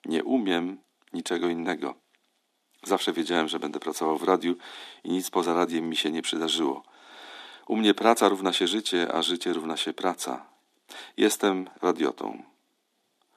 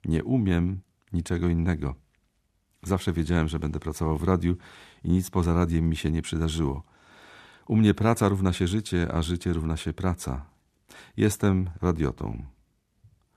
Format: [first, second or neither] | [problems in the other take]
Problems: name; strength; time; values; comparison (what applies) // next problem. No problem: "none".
second | thin; somewhat; fading below 250 Hz